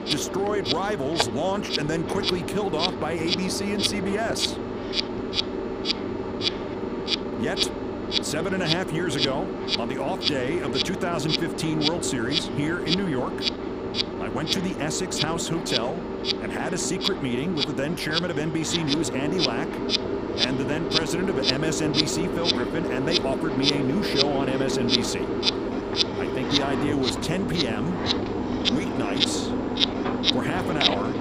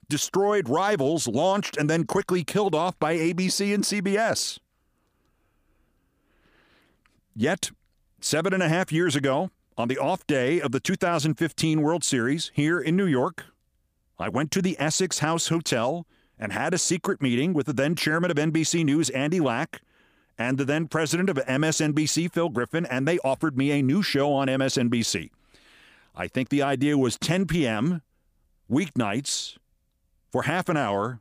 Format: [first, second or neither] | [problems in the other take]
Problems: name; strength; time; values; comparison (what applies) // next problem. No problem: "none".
second | animal sounds; very loud; throughout; 2 dB above the speech